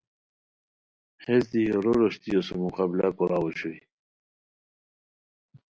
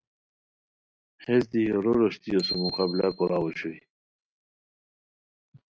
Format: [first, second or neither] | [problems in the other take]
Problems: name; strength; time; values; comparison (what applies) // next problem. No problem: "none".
first | noise reduction (neural mask model RNNoise)